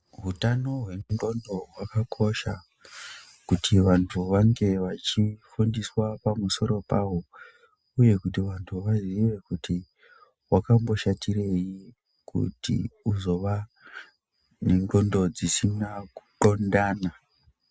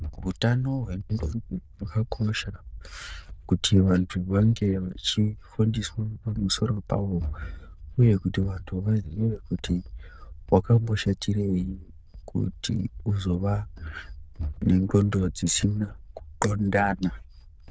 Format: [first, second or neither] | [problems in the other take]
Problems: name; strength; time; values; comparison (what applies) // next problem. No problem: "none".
first | noise reduction (neural diffusion model UNIVERSE++)